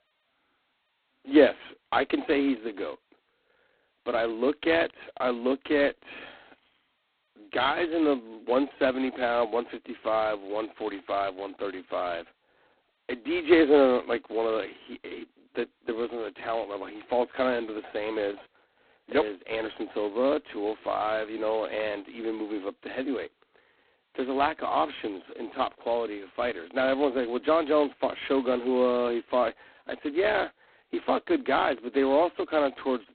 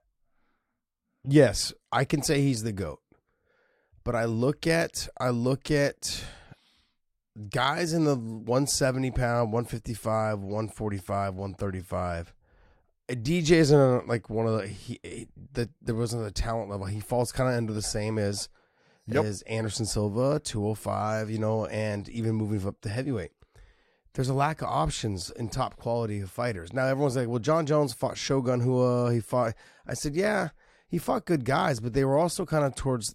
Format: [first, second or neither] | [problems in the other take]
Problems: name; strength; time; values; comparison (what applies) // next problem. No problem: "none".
second | phone-call audio; poor line; nothing above 4 kHz